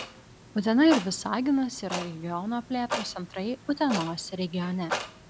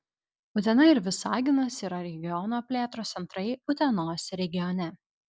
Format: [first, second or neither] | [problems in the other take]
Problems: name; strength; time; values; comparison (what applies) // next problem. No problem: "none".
second | background sound (Clock); 10 dB below the speech